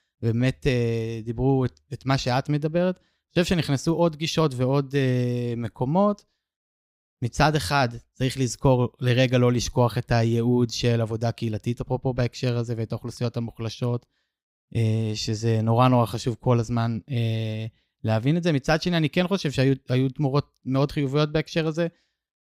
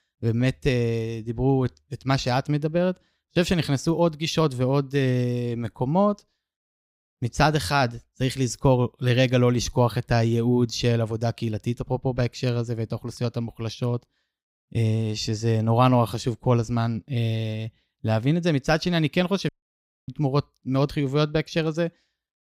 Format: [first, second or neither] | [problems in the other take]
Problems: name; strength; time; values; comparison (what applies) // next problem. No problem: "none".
first | audio cutting out; at 19 s for 0.5 s